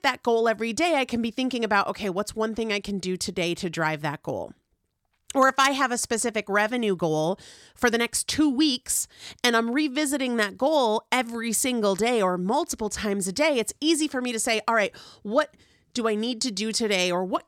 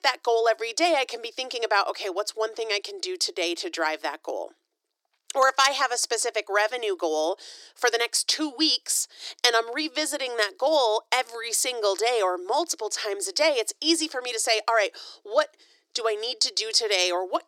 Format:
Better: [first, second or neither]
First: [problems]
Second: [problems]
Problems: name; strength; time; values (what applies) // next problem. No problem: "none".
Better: first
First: none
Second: thin; very; fading below 300 Hz